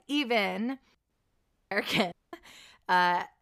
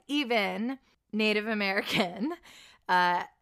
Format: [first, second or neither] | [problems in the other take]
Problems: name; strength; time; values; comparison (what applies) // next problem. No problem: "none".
second | audio cutting out; at 1 s for 0.5 s and at 2 s